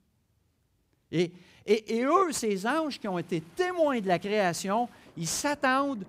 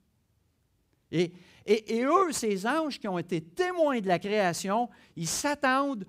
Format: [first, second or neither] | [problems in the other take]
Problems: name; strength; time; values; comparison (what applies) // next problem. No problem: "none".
second | rain or running water; very faint; from 2.5 s on; 30 dB below the speech